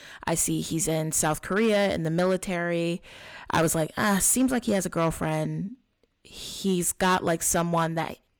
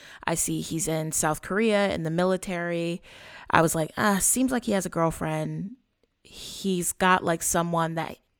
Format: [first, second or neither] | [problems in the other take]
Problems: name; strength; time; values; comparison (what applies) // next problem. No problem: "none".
second | distortion; slight; 4% of the sound clipped